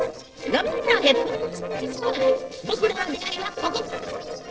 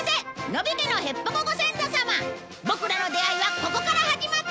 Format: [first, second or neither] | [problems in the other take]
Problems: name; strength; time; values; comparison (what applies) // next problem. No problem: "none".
second | noise reduction (neural separator model SepFormer DNS4)